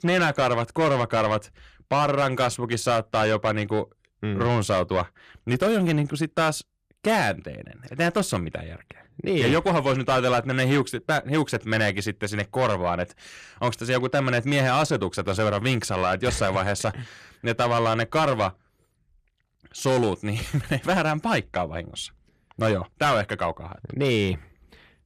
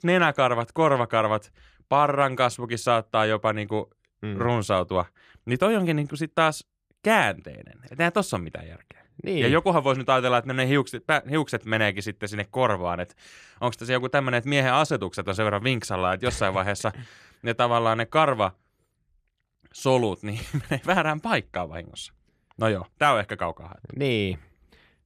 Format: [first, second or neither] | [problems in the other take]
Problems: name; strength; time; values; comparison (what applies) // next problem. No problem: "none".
second | distortion; heavy; 8 dB below the speech